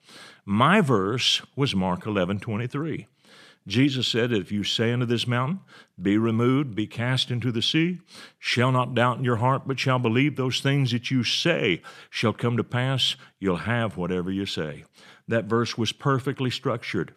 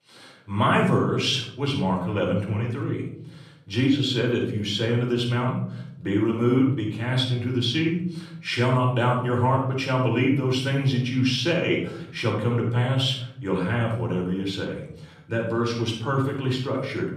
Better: first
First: none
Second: off-mic speech; far // room echo; noticeable; dies away in 0.7 s

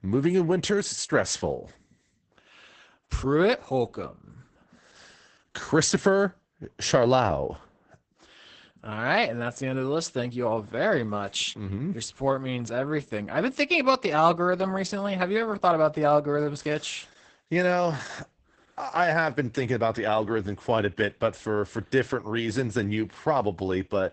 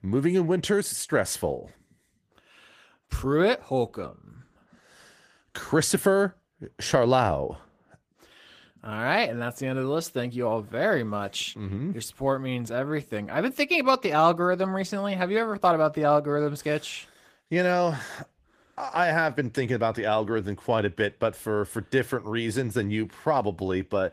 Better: second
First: garbled, watery; badly; nothing above 8 kHz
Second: garbled, watery; slightly

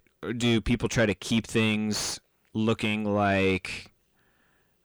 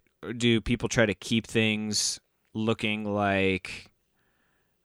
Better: second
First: distortion; slight; 10 dB below the speech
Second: none

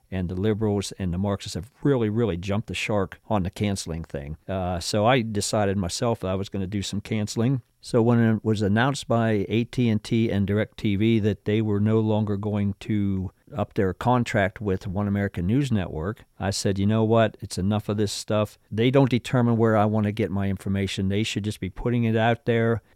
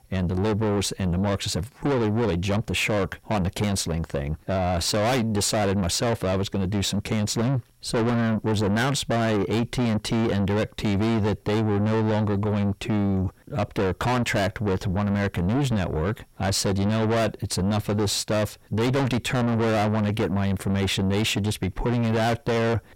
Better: first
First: none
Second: distortion; heavy; 6 dB below the speech

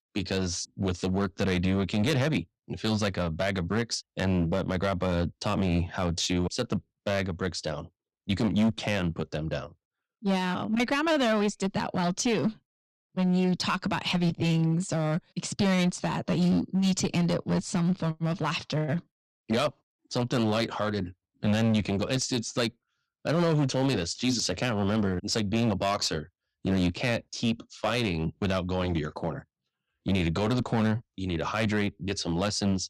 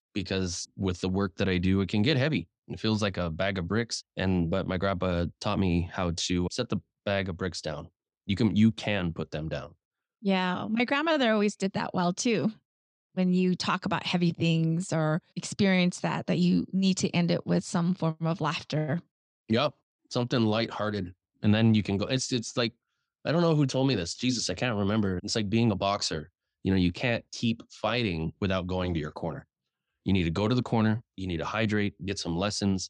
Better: second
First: distortion; slight; 7% of the sound clipped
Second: none

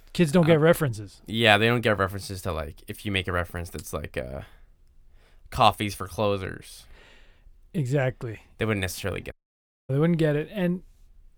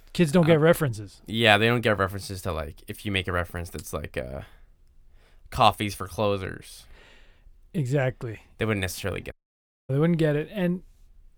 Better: neither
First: audio cutting out; at 9.5 s for 0.5 s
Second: audio cutting out; at 9.5 s for 0.5 s

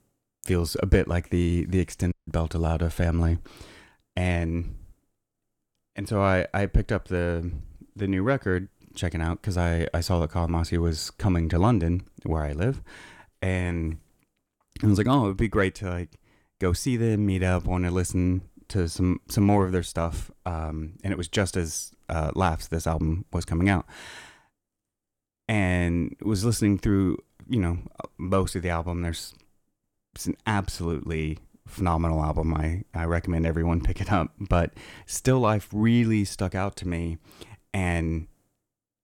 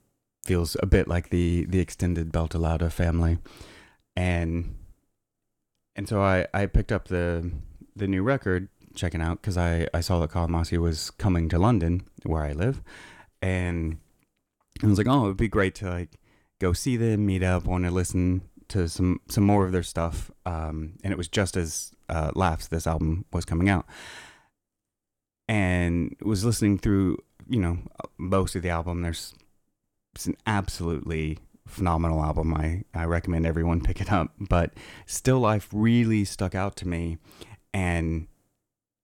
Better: second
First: audio cutting out; at 2 s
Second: none

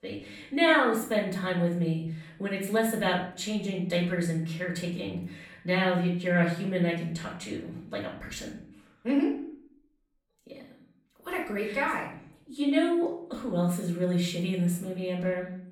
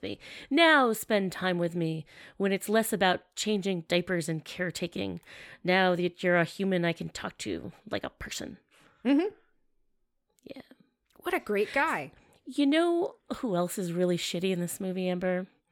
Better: second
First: room echo; noticeable; dies away in 0.5 s // off-mic speech; far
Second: none

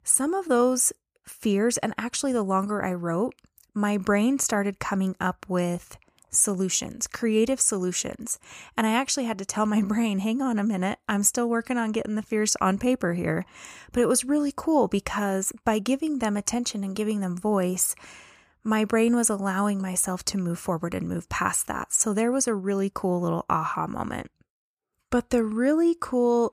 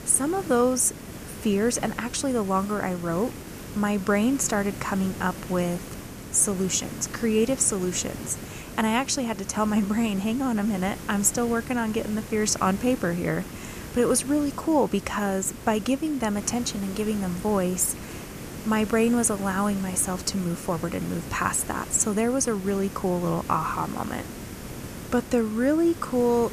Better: first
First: none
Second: hiss; noticeable; throughout; 15 dB below the speech

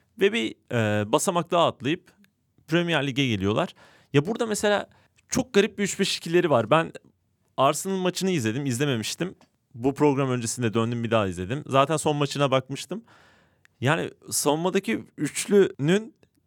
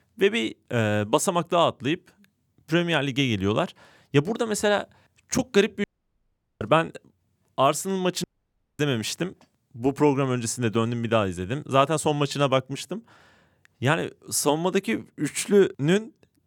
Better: first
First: none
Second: audio cutting out; at 6 s for 1 s and at 8 s for 0.5 s

